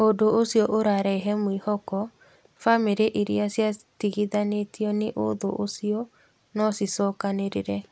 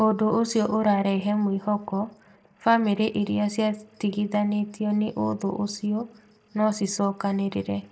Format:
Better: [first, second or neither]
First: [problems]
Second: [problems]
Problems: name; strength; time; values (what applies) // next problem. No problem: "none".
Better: first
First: none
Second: noise reduction (neural separator model SepFormer DNS4)